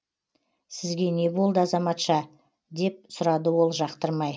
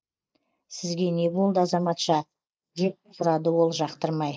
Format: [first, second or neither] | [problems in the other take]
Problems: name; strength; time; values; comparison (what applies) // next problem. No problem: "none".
first | noise reduction (neural mask model Resemble Enhance denoiser)